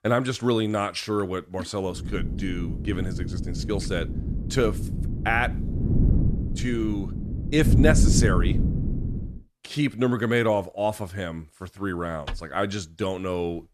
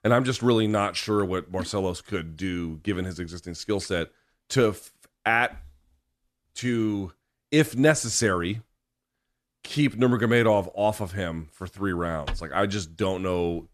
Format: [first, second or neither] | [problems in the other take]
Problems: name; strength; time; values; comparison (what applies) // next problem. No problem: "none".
second | wind noise on the microphone; heavy; from 2 to 9.5 s; 9 dB below the speech